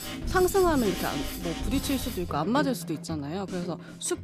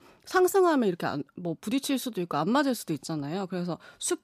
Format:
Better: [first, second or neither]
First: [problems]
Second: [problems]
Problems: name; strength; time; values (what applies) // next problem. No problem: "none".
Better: second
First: background music; loud; throughout; 7 dB below the speech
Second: none